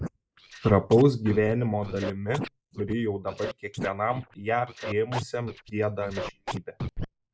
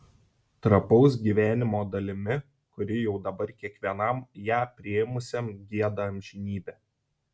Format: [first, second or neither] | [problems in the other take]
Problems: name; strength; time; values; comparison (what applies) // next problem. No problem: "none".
second | noise reduction (neural mask model Resemble Enhance denoiser)